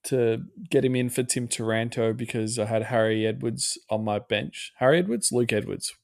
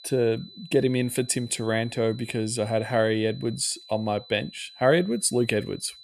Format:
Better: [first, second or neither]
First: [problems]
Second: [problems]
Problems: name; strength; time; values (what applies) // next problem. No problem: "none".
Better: first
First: none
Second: high-pitched whine; noticeable; throughout; 4 kHz, 20 dB below the speech